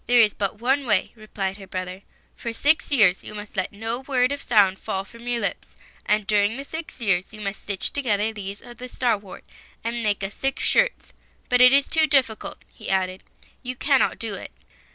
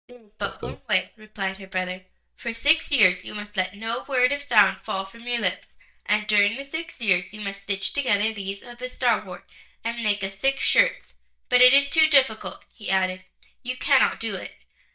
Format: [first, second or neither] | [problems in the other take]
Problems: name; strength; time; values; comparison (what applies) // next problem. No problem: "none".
first | noise reduction (neural mask model DeepFilterNet 3)